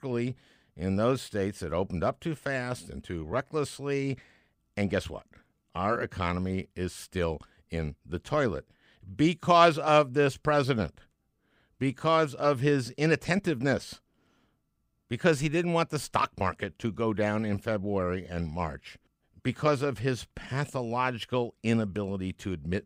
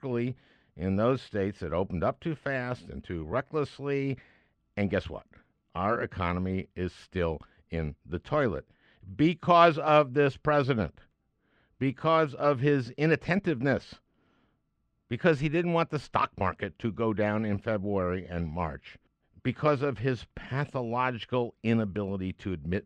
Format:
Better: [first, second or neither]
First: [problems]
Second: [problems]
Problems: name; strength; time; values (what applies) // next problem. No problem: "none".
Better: first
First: none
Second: muffled; slightly; fading above 3 kHz